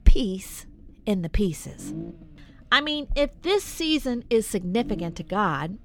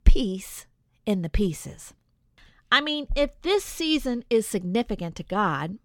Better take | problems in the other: second | low rumble; noticeable; throughout; 20 dB below the speech

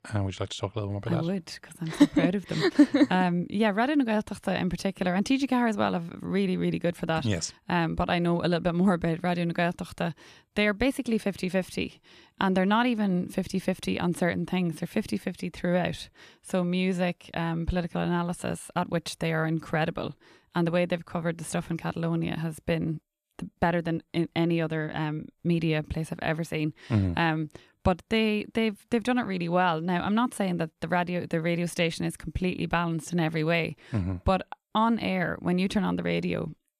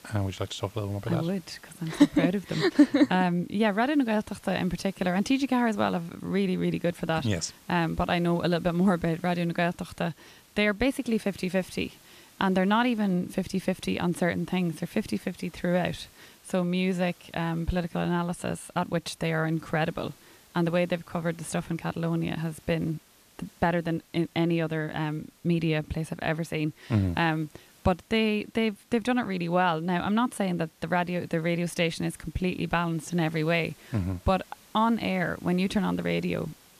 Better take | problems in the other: first | hiss; faint; throughout; 25 dB below the speech

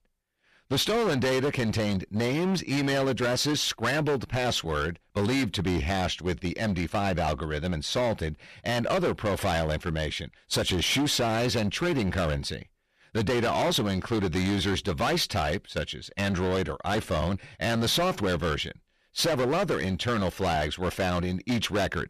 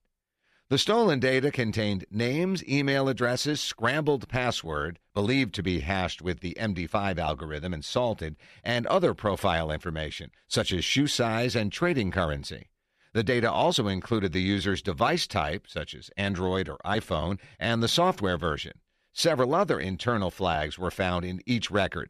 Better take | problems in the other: second | distortion; heavy; 19% of the sound clipped

